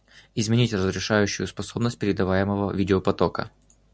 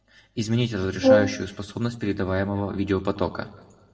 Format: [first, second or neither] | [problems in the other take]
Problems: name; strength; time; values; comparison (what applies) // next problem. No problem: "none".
first | background sound (Brass instrument); 2 dB above the speech // room echo; dies away in 1 s